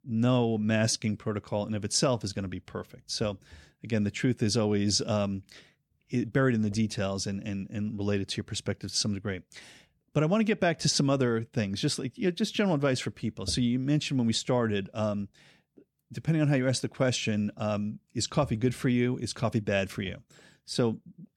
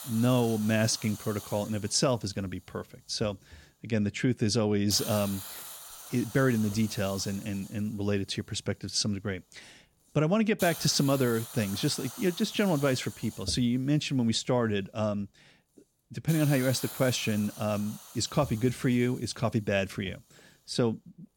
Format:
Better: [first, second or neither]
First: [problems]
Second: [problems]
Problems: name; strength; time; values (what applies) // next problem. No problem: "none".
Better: first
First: none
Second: hiss; noticeable; throughout; 15 dB below the speech